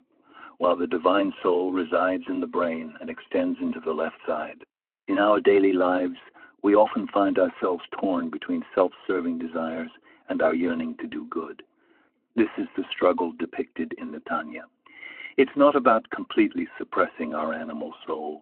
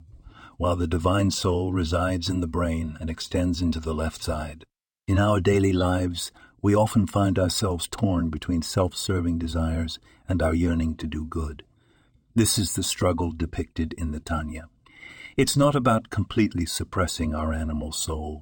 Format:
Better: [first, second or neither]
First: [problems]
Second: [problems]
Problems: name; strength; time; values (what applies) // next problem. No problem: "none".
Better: second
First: phone-call audio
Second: none